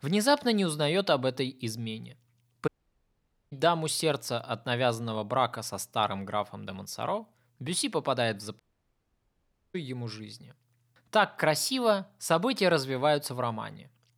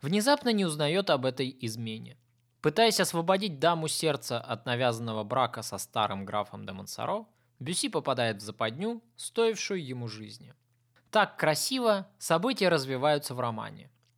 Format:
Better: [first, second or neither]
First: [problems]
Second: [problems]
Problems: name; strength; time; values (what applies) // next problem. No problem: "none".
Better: second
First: audio cutting out; at 2.5 s for 1 s and at 8.5 s for 1 s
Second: none